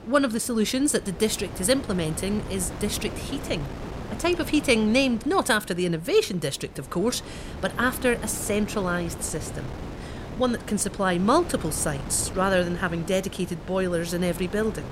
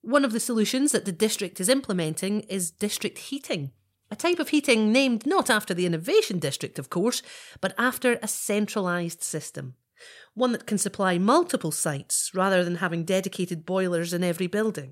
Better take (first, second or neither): second